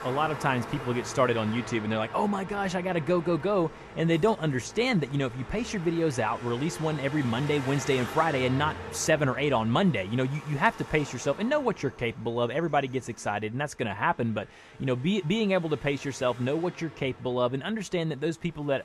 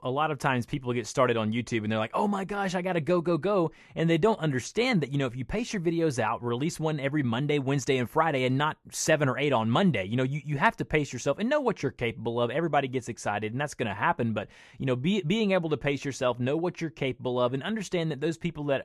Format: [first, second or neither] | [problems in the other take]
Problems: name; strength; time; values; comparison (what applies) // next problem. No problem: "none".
second | traffic noise; noticeable; throughout; 15 dB below the speech